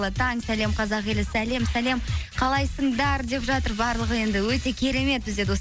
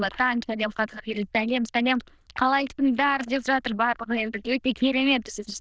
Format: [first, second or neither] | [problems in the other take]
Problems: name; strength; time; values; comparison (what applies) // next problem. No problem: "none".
first | noise reduction (neural diffusion model UNIVERSE++)